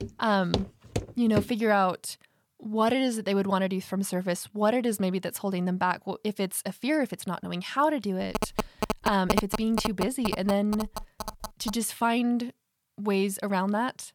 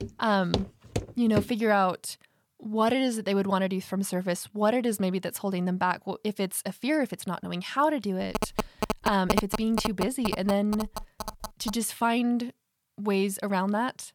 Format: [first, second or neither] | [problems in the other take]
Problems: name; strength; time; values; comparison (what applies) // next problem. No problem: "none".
neither | footsteps; noticeable; until 1.5 s; peak 5 dB below the speech; the same in both // phone ringing; loud; from 8.5 to 12 s; peak level with the speech; the same in both